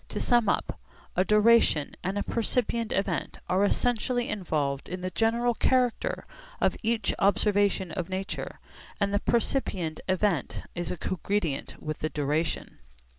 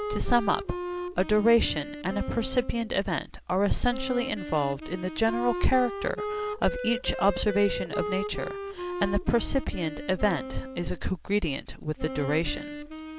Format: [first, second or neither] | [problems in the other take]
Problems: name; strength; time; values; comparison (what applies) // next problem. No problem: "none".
first | background sound (Wind instrument, woodwind instrument); 9 dB below the speech